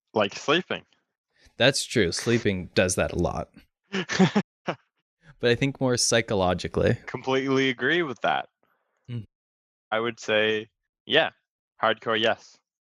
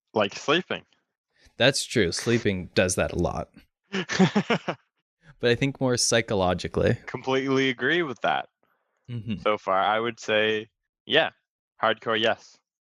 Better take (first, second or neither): second